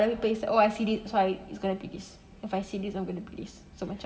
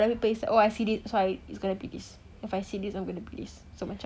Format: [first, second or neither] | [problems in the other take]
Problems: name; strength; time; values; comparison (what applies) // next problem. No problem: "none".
second | room echo; dies away in 2.9 s